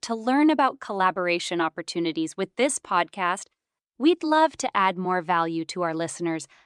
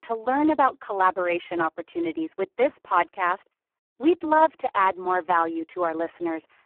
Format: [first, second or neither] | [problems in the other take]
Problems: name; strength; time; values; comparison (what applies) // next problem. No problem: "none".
first | phone-call audio; poor line